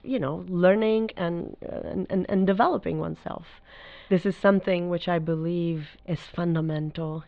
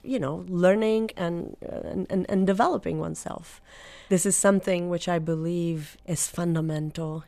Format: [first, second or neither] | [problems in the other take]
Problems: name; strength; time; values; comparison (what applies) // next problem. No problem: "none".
second | muffled; very; fading above 4 kHz